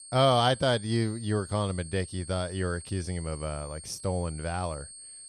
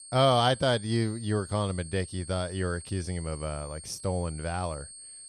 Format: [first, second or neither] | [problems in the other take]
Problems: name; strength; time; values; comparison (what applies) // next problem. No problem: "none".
neither | high-pitched whine; noticeable; throughout; 8.5 kHz, 15 dB below the speech; the same in both